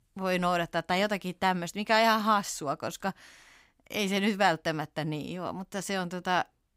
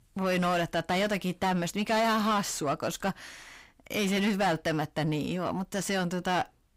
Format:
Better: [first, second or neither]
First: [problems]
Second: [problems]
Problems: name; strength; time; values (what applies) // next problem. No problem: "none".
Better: first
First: none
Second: distortion; heavy; 7 dB below the speech